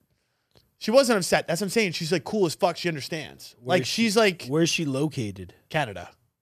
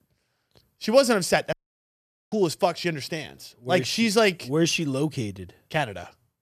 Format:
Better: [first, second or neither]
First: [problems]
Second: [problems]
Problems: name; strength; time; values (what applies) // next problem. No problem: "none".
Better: first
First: none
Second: audio cutting out; at 1.5 s for 1 s